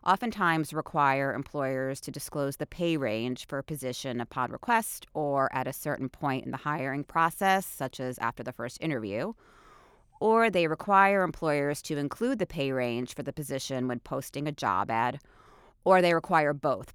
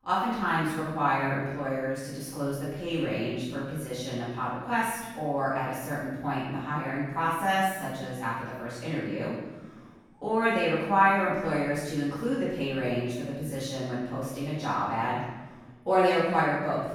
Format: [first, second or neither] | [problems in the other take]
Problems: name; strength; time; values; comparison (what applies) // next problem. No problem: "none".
first | off-mic speech; far // room echo; strong; dies away in 1.1 s